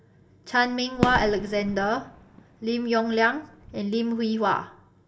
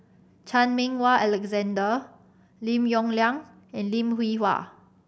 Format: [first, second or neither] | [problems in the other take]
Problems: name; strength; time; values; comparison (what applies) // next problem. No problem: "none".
second | background sound (Fireworks); 7 dB below the speech // room echo; dies away in 0.2 s